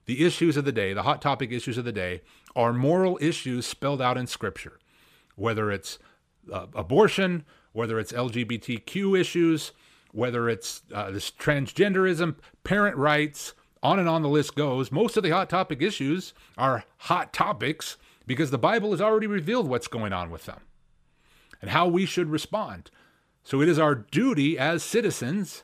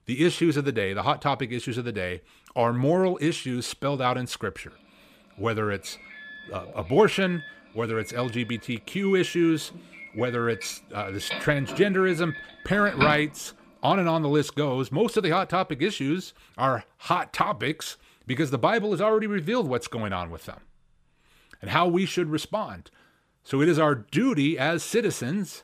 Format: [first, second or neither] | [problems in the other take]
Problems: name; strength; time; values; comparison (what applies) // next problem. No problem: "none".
first | doorbell; noticeable; from 9 to 13 s; peak level with the speech